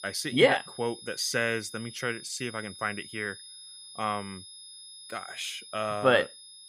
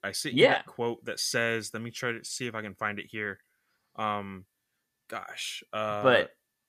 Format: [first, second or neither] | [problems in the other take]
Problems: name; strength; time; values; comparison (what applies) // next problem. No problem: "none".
second | high-pitched whine; noticeable; throughout; 5 kHz, 15 dB below the speech